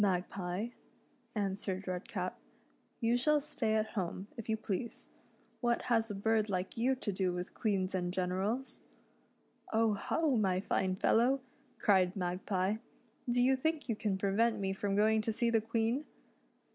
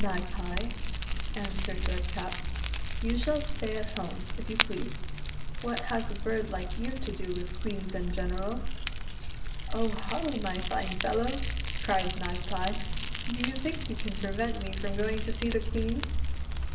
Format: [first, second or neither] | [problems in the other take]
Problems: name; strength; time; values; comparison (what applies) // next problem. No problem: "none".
first | background sound (Fire); 4 dB above the speech // room echo; dies away in 0.7 s